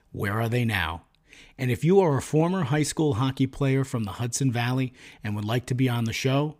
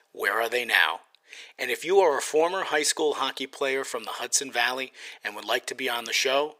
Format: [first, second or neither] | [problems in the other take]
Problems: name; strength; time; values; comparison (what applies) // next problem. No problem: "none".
first | thin; very; fading below 450 Hz